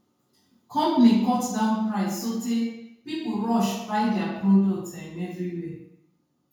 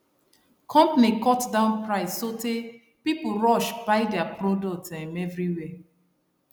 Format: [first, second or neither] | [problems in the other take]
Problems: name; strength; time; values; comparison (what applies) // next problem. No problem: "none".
second | room echo; dies away in 0.6 s